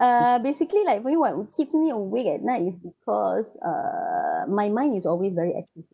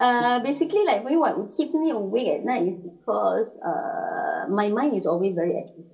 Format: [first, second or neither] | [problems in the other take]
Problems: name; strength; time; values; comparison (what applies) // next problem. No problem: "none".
first | room echo; dies away in 0.2 s